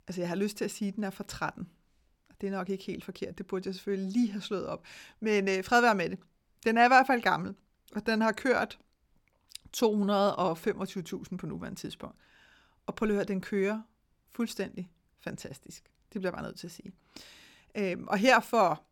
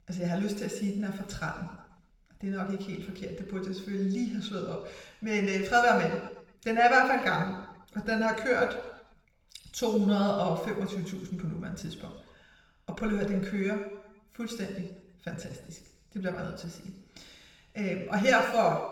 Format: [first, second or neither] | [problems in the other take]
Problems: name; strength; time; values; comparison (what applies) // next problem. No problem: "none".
first | room echo; noticeable; dies away in 0.9 s // off-mic speech; somewhat distant